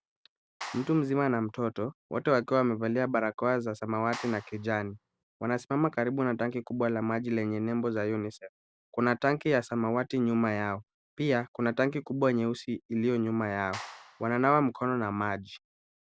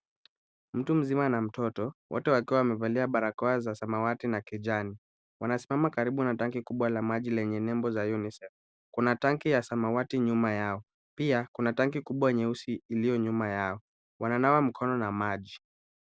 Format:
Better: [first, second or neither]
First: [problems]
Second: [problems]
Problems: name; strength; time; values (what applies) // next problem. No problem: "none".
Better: second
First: background sound (Clapping); 16 dB below the speech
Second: none